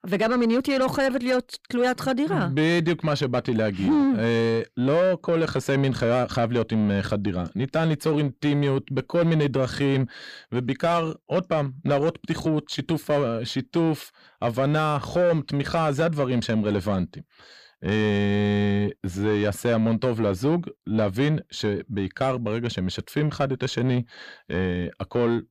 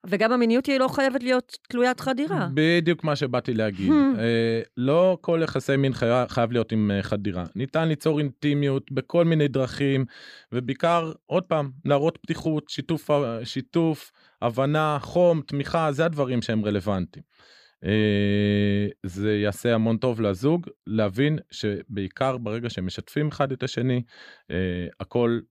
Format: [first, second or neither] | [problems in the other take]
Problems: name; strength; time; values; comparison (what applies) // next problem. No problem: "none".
second | distortion; slight; 10 dB below the speech